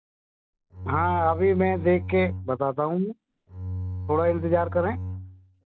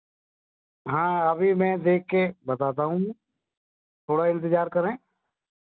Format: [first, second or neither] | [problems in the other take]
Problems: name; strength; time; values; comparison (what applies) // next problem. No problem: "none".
second | background sound (Bowed string instrument); 7 dB below the speech